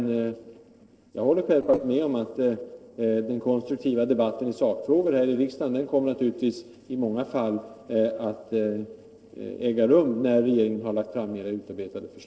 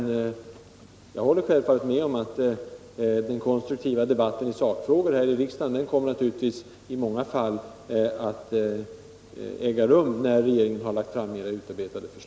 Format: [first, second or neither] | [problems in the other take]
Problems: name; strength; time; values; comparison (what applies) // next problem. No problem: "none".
second | noise reduction (neural separator model SepFormer DNS4)